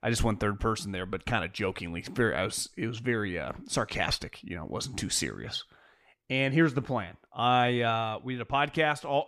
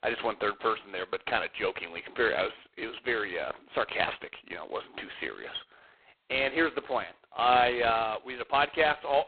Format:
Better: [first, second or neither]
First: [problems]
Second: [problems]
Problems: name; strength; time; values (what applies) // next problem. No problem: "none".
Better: first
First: none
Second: phone-call audio; poor line; nothing above 4 kHz